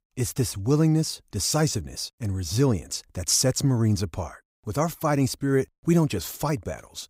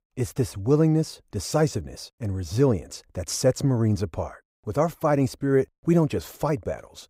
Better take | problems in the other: first | muffled; slightly; fading above 3 kHz

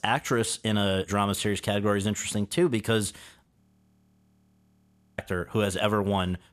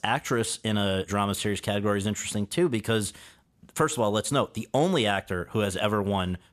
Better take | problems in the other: second | audio freezing; at 3.5 s for 1.5 s

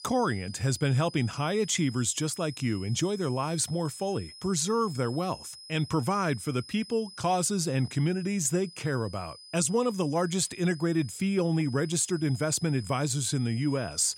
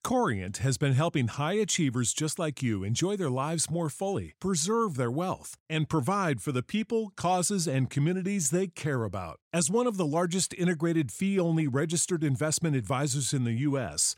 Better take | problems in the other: second | high-pitched whine; noticeable; throughout; 5 kHz, 15 dB below the speech

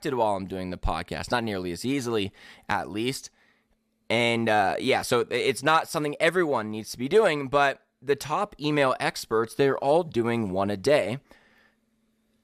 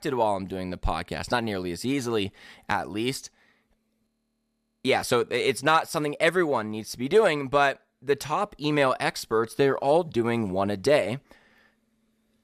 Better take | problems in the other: first | audio freezing; at 4 s for 1 s

